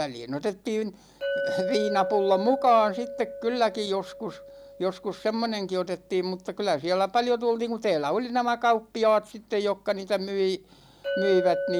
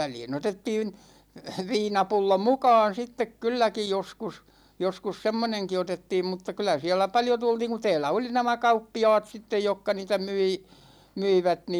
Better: second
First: background sound (Chink, clink); 9 dB below the speech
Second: none

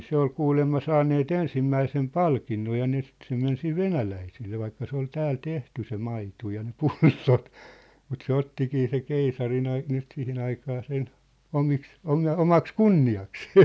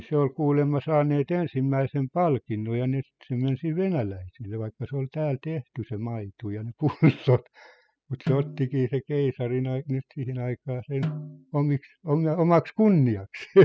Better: first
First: none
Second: noise reduction (classical method spectral subtraction)

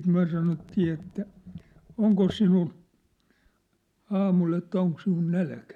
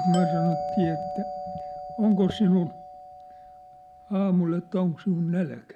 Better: first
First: none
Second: background sound (Doorbell); 8 dB below the speech

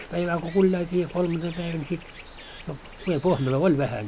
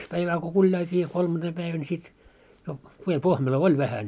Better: second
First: background sound (Stream); 17 dB below the speech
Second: none

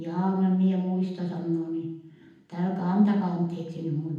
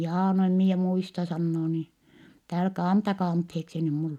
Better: second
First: room echo; dies away in 0.8 s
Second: none

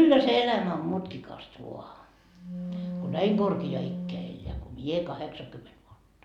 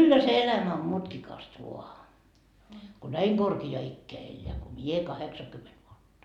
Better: second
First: background sound (Wind instrument, woodwind instrument); 8 dB below the speech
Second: none

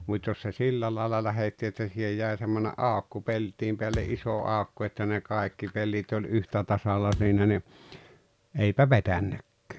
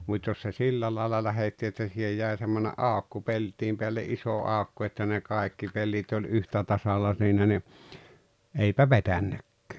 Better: second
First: background sound (Thump, thud); 10 dB below the speech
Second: none

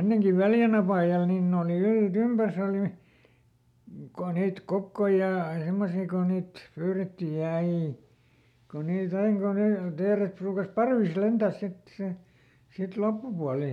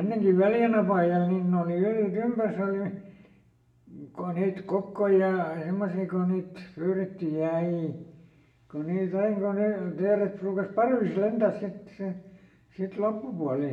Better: first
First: none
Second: room echo; dies away in 0.7 s

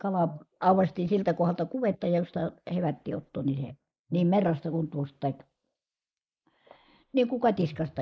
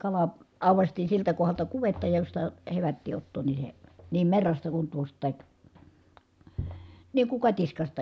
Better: second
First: noise reduction (neural mask model Resemble Enhance denoiser)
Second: none

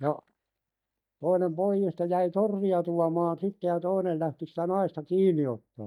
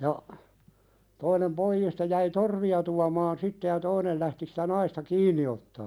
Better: second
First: noise reduction (neural mask model DeepFilterNet 3)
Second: none

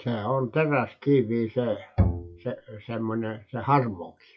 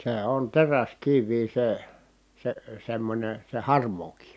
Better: second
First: noise reduction (classical method WPE with log-MMSE)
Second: none

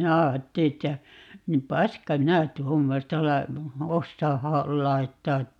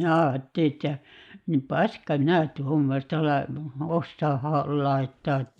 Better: first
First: none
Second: noise reduction (neural mask model Resemble Enhance denoiser)

